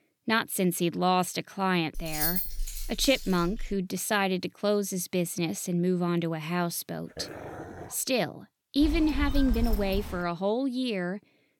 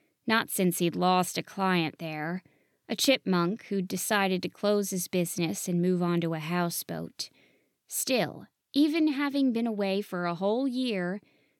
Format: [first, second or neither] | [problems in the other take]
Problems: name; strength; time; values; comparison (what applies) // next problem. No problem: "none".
second | jangling keys; loud; from 2 to 4 s; peak 2 dB above the speech // dog barking; faint; at 7 s; peak 10 dB below the speech // phone ringing; noticeable; from 9 to 10 s; peak 4 dB below the speech